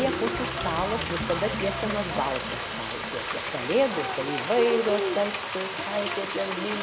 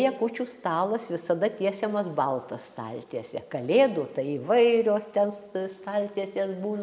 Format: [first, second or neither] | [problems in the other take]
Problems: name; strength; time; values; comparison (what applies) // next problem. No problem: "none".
second | background sound (Cheering + Frying (food)); 2 dB below the speech